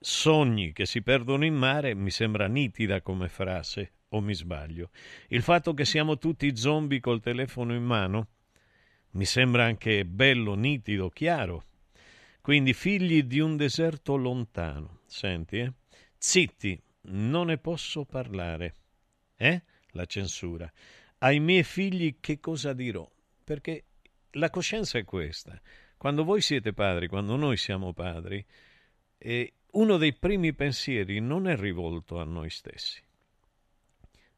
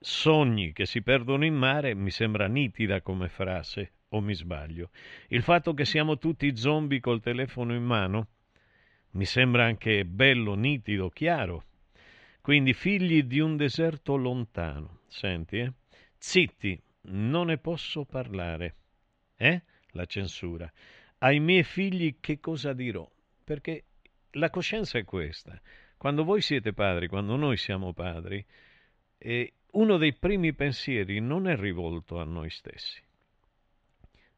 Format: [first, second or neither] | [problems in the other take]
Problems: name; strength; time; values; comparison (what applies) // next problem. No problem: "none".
first | muffled; very slightly; fading above 3 kHz